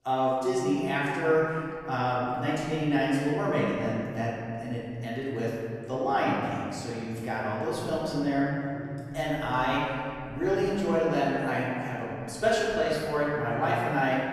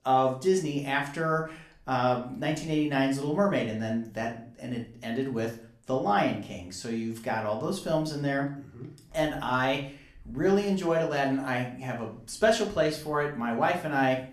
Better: second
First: room echo; strong; dies away in 2.3 s // off-mic speech; far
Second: room echo; slight; dies away in 0.4 s // off-mic speech; somewhat distant

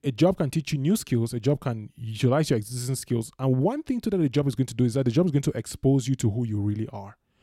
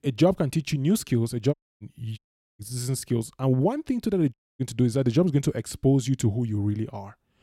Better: first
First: none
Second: audio cutting out; at 1.5 s, at 2 s and at 4.5 s

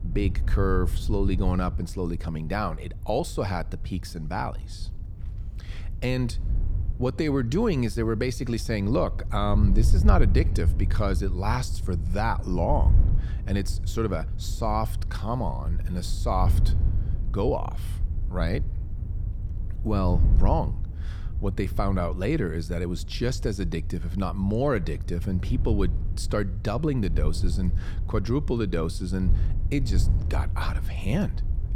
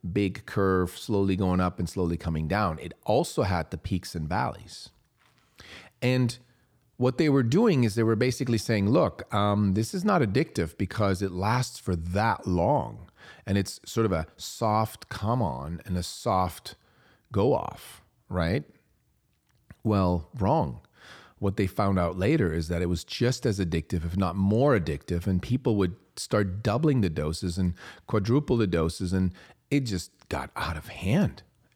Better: second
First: wind noise on the microphone; occasional gusts; 15 dB below the speech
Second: none

